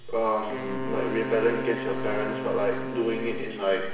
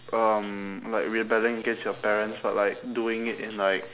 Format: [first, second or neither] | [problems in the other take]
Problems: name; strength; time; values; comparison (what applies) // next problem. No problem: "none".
second | background sound (Wind instrument, woodwind instrument); 7 dB below the speech // room echo; dies away in 1.1 s